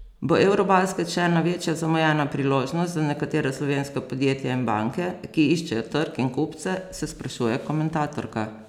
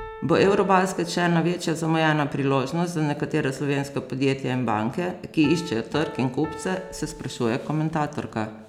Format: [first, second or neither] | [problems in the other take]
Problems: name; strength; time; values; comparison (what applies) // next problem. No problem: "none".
first | background sound (Piano); 19 dB below the speech